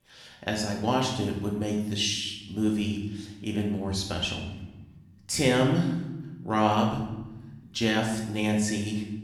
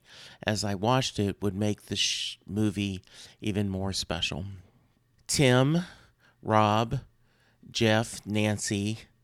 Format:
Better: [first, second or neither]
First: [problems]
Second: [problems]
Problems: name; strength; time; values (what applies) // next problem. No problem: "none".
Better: second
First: room echo; noticeable; dies away in 0.9 s // off-mic speech; somewhat distant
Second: none